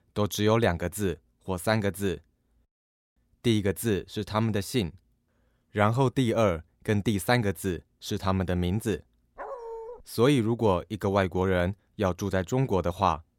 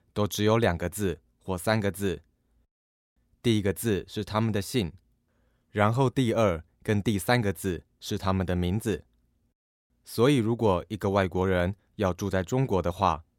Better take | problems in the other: second | dog barking; faint; at 9.5 s; peak 10 dB below the speech

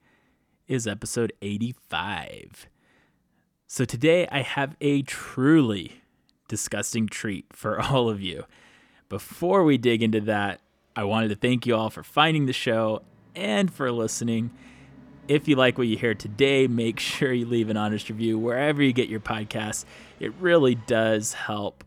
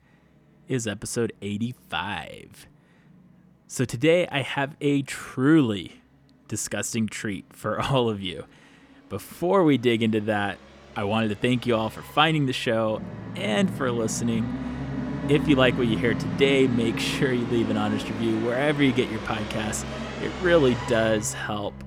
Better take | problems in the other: first | background music; loud; throughout; 8 dB below the speech; faint in the first

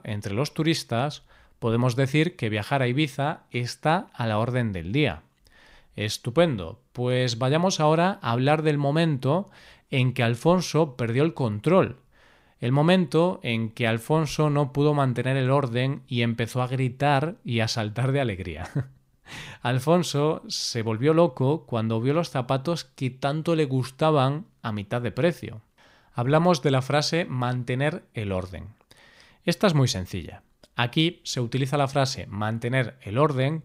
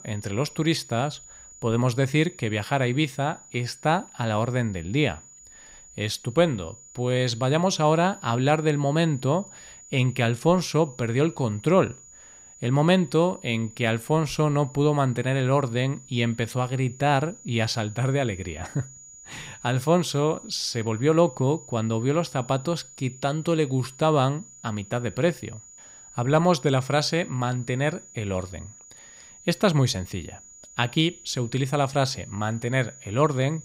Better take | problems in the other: first | high-pitched whine; faint; throughout; 7 kHz, 20 dB below the speech

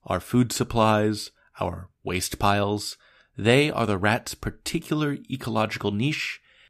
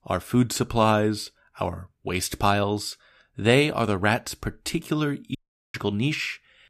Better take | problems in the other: first | audio cutting out; at 5.5 s

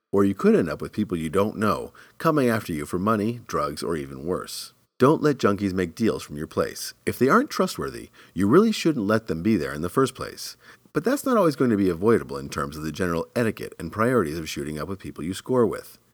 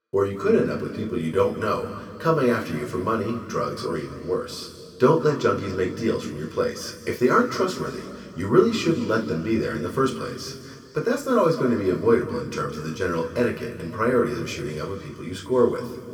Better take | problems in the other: first | room echo; noticeable; dies away in 2.3 s // off-mic speech; somewhat distant

